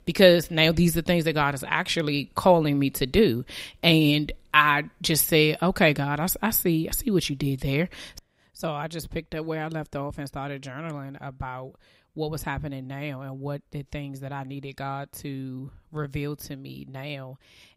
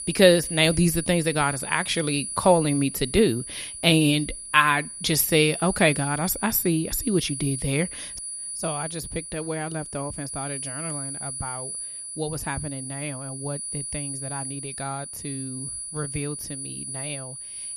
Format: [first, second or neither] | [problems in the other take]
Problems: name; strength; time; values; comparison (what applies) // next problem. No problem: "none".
first | high-pitched whine; loud; throughout; 10 kHz, 7 dB below the speech